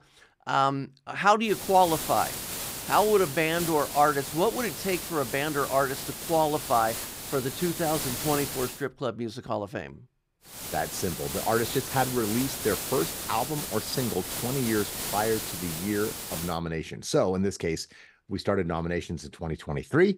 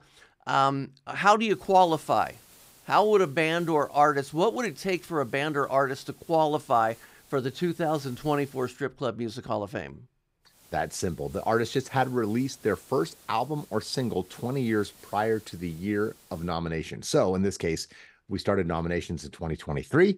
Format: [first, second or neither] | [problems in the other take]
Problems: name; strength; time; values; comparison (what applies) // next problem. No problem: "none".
second | hiss; loud; from 1.5 to 9 s and from 11 to 16 s; 5 dB below the speech; faint in the second